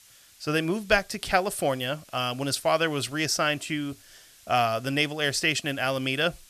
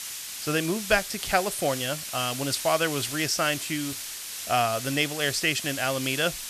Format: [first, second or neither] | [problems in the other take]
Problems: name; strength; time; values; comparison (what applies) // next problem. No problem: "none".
first | hiss; loud; throughout; 6 dB below the speech; faint in the first